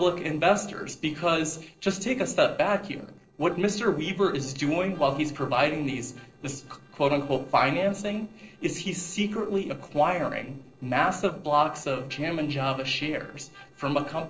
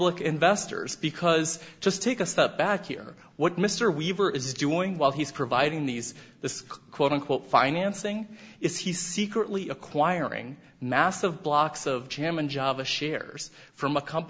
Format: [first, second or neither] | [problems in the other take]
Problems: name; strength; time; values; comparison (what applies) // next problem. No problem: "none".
second | noise reduction (neural separator model SepFormer DNS4)